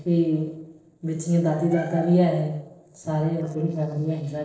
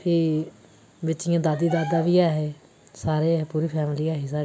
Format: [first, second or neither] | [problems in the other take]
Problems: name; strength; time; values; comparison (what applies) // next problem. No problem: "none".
second | noise reduction (neural separator model SepFormer DNS4)